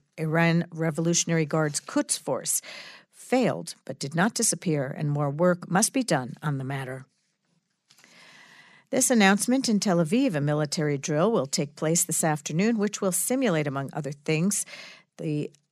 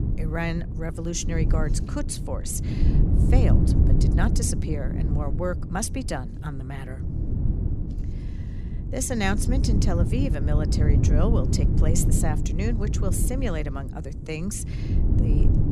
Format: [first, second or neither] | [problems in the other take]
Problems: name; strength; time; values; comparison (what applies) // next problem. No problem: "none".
first | wind noise on the microphone; heavy; 5 dB below the speech